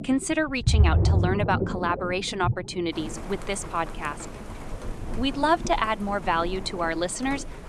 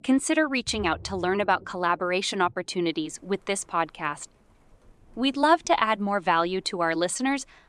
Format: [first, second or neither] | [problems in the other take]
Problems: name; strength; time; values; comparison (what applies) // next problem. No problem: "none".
second | rain or running water; loud; throughout; 2 dB below the speech; faint in the second